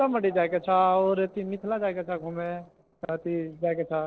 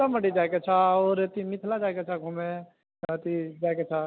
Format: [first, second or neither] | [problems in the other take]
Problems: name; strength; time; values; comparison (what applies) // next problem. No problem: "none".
second | noise reduction (neural separator model SepFormer DNS4)